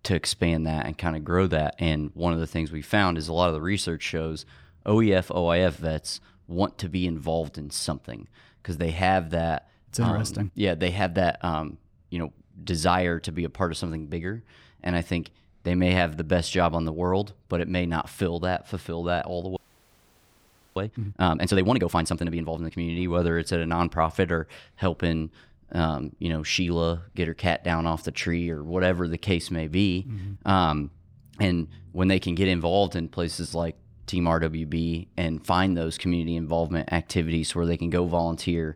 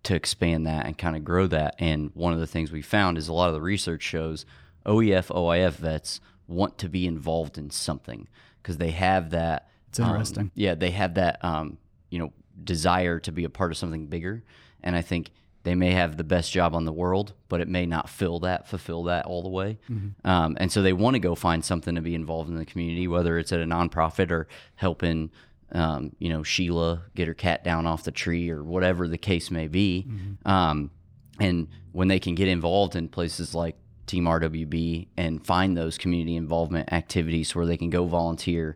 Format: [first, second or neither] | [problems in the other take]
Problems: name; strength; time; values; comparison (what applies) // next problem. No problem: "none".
second | audio freezing; at 20 s for 1 s